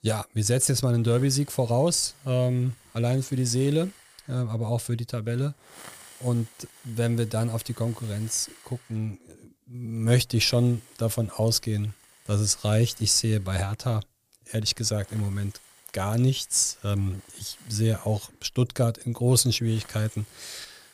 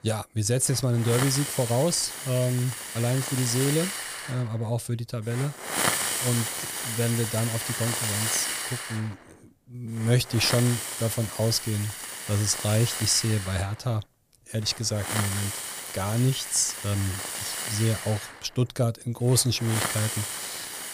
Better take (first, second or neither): first